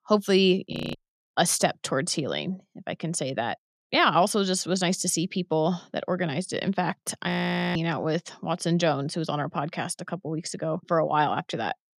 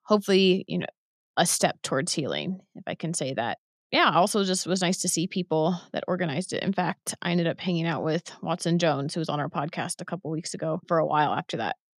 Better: second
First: audio freezing; at 0.5 s and at 7.5 s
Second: none

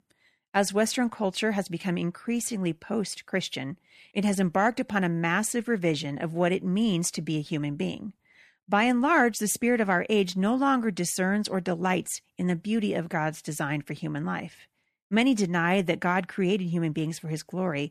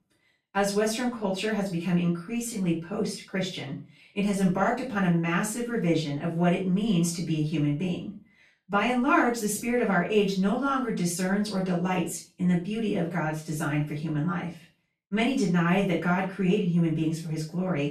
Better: first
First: none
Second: off-mic speech; far // room echo; slight; dies away in 0.3 s

